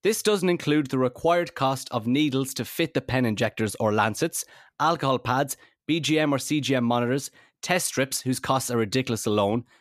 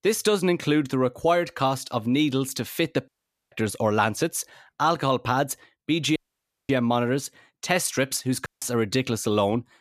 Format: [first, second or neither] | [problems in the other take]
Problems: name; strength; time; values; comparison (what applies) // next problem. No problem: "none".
first | audio cutting out; at 3 s, at 6 s for 0.5 s and at 8.5 s